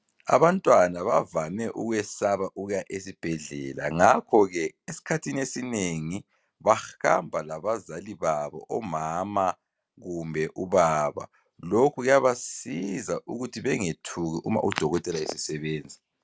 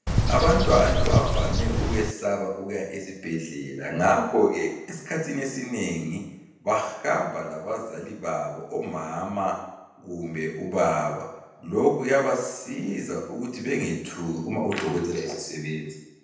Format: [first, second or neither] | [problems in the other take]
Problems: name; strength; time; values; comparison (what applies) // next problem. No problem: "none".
first | background sound (Bird); 4 dB above the speech // room echo; dies away in 0.9 s